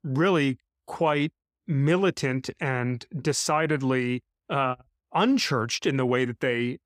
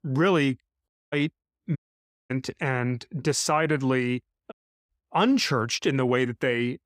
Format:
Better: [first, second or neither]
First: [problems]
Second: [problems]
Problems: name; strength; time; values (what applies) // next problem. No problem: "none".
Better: first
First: none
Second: audio cutting out; at 1 s, at 2 s for 0.5 s and at 4.5 s